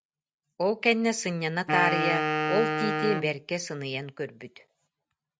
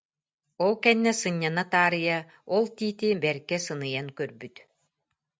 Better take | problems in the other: second | background sound (Wind instrument, woodwind instrument); as loud as the speech

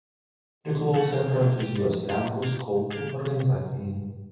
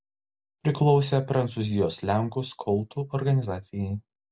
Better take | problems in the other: second | background sound (Electric guitar); 16 dB below the speech // room echo; dies away in 1.1 s

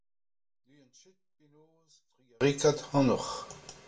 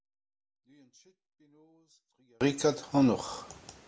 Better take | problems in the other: second | room echo; dies away in 0.2 s

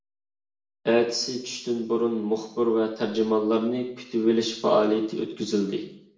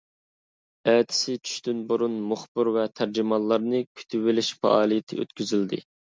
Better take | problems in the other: second | room echo; dies away in 0.6 s

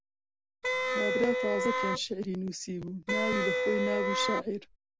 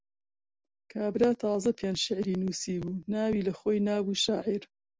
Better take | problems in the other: second | background sound (Wind instrument, woodwind instrument); 3 dB above the speech

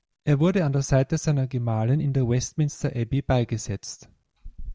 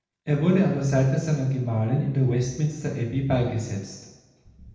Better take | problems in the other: first | room echo; dies away in 0.9 s

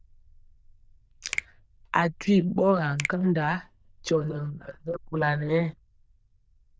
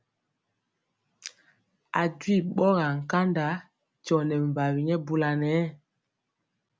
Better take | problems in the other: second | noise reduction (neural diffusion model UNIVERSE++)

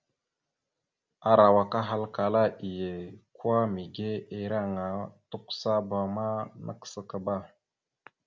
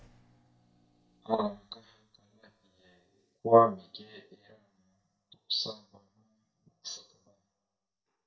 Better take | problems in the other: first | noise reduction (neural mask model DeepFilterNet 3)

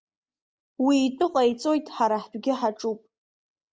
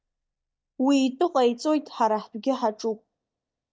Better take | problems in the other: first | noise reduction (neural mask model DeepFilterNet 3)

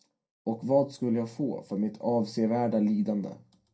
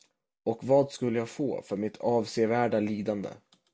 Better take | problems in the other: second | room echo; dies away in 0.2 s

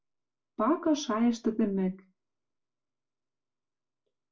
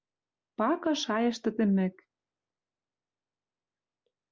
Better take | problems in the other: second | room echo; dies away in 0.2 s

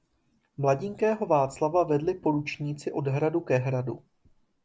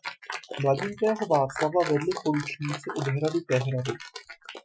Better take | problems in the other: first | noise reduction (classical method Wiener filter)

